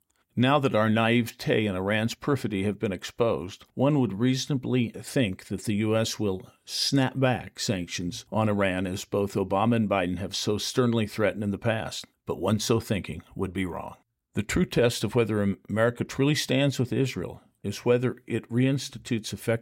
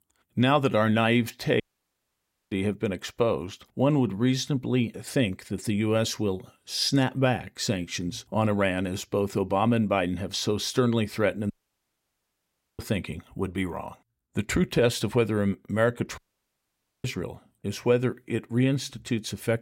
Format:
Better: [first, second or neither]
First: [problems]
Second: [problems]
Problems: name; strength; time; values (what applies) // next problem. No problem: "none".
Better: first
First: none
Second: audio cutting out; at 1.5 s for 1 s, at 12 s for 1.5 s and at 16 s for 1 s